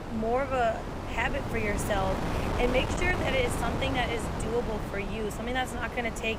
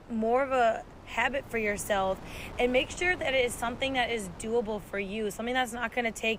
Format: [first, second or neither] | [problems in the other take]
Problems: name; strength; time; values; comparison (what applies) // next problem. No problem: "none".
second | wind noise on the microphone; heavy; 5 dB below the speech; occasional gusts in the second